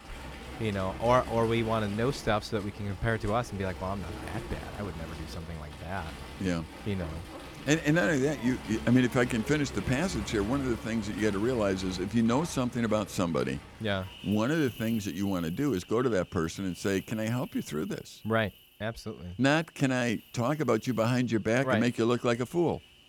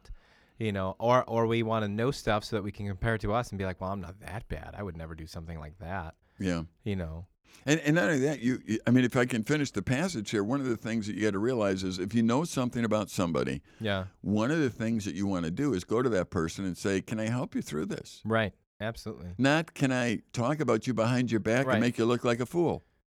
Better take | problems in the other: second | animal sounds; noticeable; throughout; 15 dB below the speech

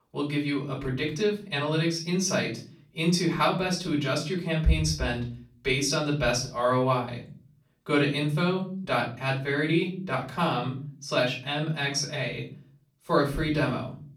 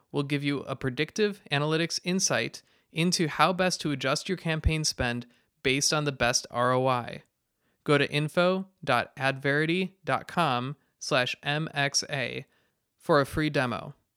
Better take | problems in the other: second | off-mic speech; far // room echo; slight; dies away in 0.5 s

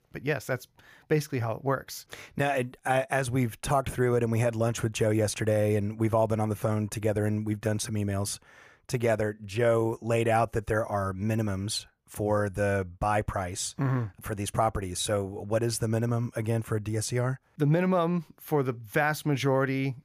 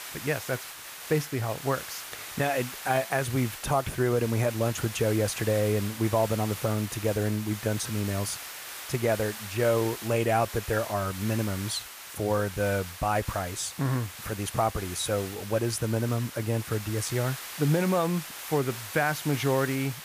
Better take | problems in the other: first | hiss; loud; throughout; 10 dB below the speech

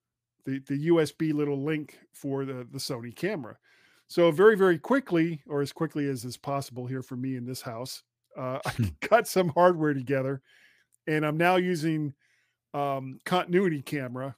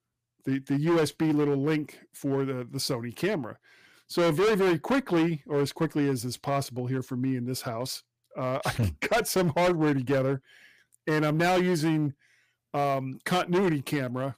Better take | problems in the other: first | distortion; heavy; 11% of the sound clipped

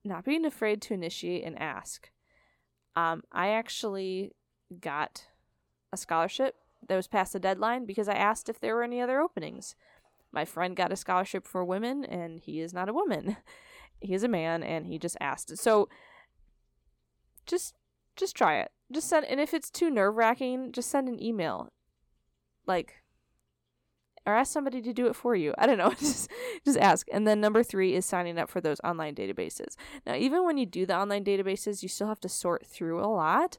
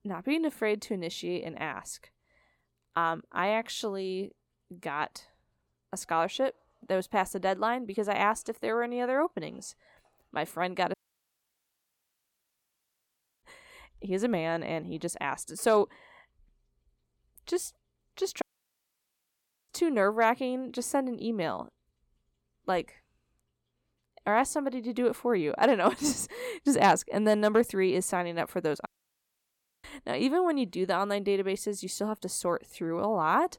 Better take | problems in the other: first | audio cutting out; at 11 s for 2.5 s, at 18 s for 1.5 s and at 29 s for 1 s

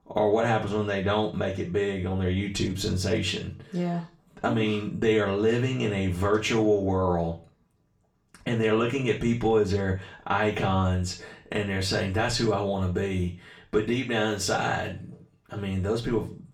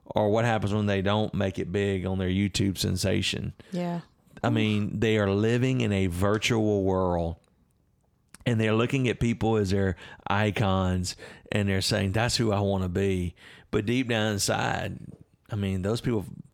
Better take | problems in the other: second | room echo; slight; dies away in 0.3 s // off-mic speech; far

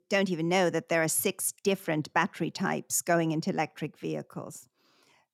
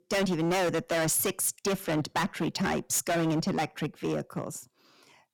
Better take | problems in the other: first | distortion; heavy; 19% of the sound clipped

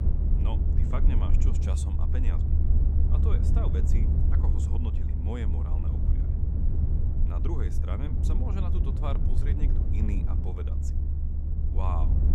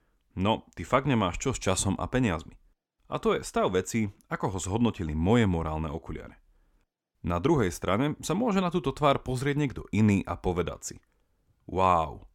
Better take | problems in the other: second | low rumble; loud; throughout; 1 dB below the speech

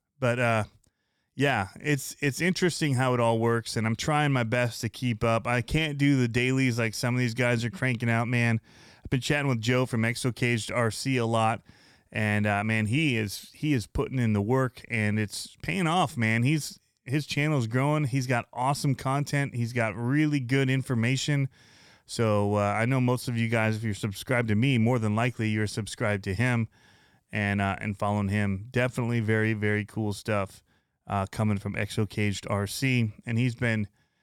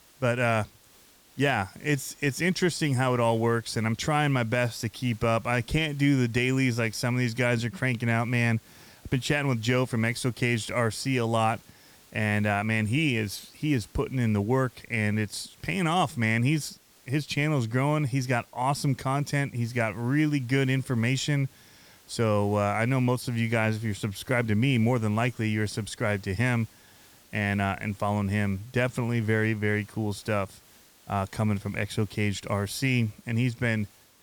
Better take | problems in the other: first | hiss; faint; throughout; 25 dB below the speech

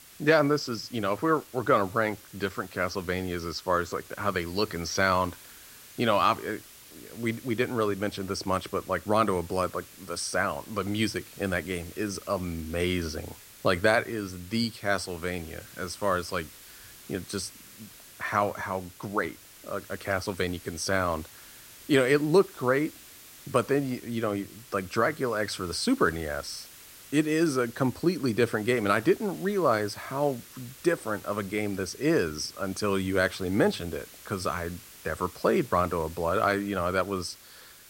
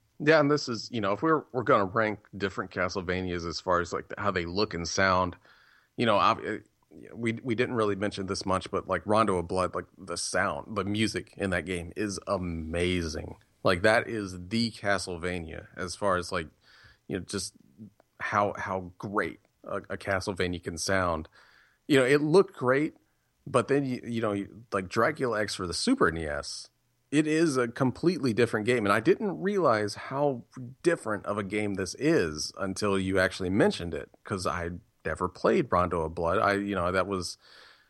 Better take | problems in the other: second | hiss; noticeable; throughout; 20 dB below the speech

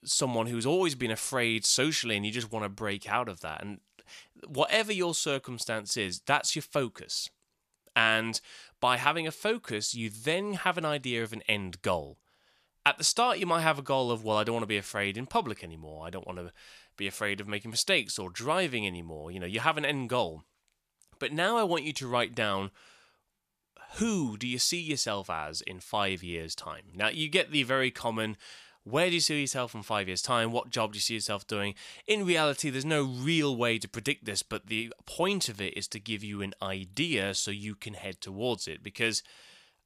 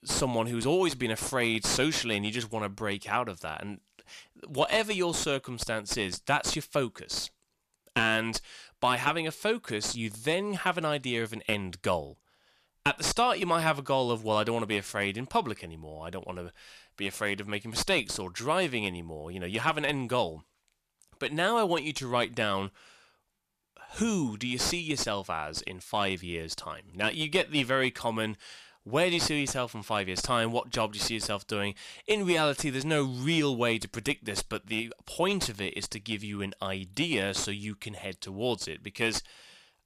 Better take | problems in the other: first | distortion; slight; 9 dB below the speech

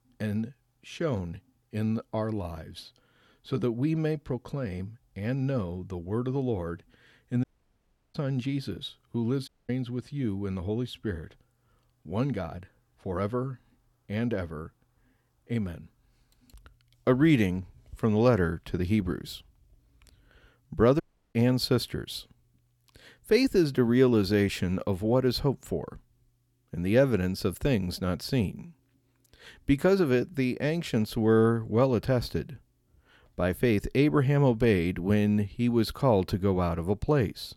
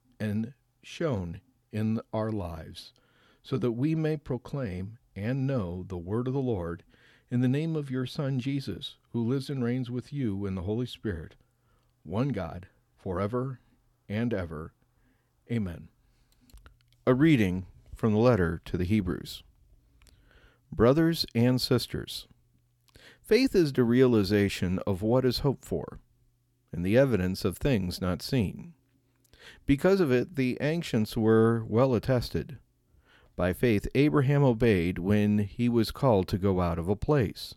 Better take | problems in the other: second | audio cutting out; at 7.5 s for 0.5 s, at 9.5 s and at 21 s

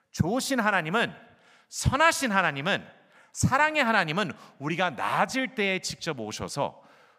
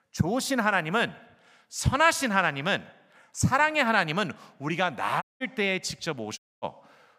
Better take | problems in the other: first | audio cutting out; at 5 s and at 6.5 s

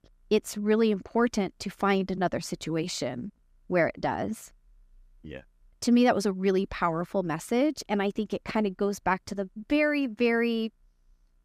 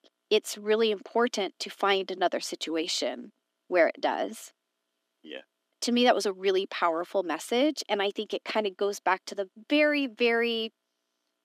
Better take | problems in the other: first | thin; very slightly; fading below 250 Hz

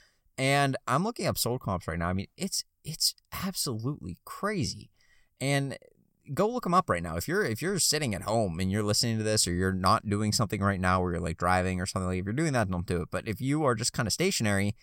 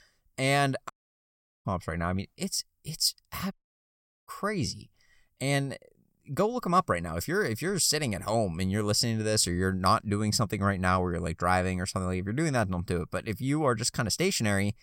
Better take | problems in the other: first | audio cutting out; at 1 s for 0.5 s and at 3.5 s for 0.5 s

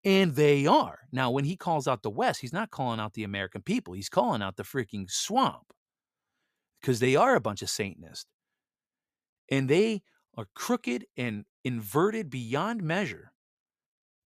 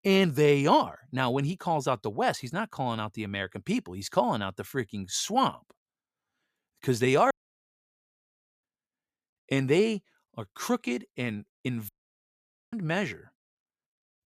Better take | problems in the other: first | audio cutting out; at 7.5 s for 1.5 s and at 12 s for 1 s

